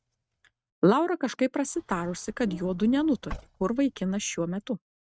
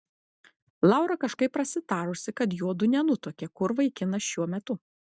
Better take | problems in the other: second | noise reduction (neural mask model RNNoise)

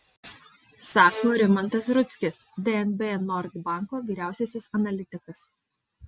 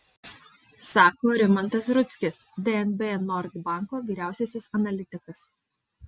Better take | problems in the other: second | background sound (Bowed string instrument); 14 dB below the speech

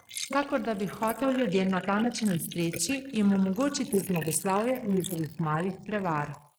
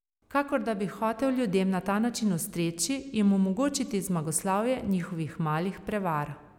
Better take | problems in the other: second | noise reduction (neural mask model Resemble Enhance denoiser)

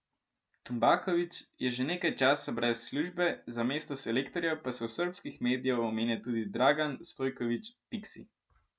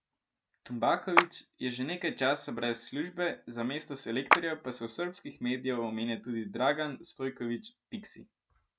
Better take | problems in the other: first | background sound (Clapping); 2 dB above the speech

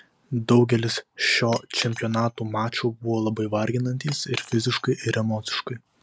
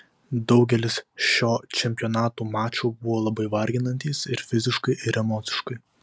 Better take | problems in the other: second | background sound (Cutlery, silverware / Chink, clink); 18 dB below the speech

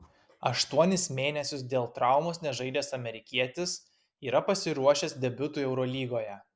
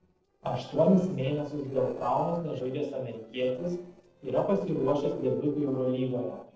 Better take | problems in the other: first | noise reduction (neural separator model SepFormer DNS4)

